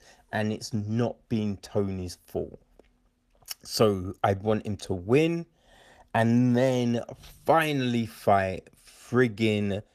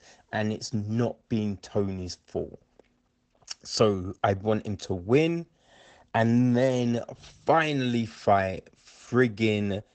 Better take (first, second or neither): first